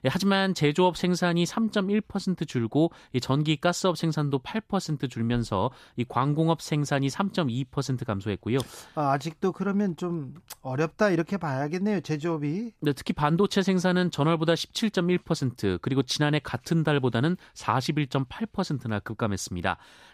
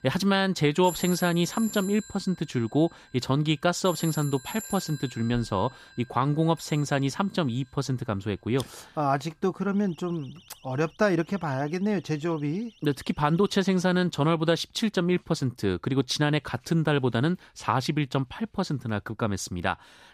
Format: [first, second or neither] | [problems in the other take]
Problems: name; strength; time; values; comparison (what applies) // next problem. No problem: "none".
first | alarms or sirens; noticeable; until 14 s; 15 dB below the speech